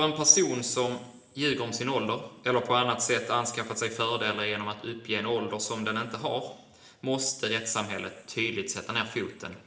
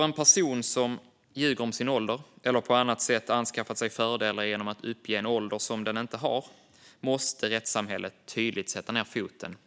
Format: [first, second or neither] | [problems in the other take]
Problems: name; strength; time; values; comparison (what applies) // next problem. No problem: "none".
second | room echo; dies away in 1 s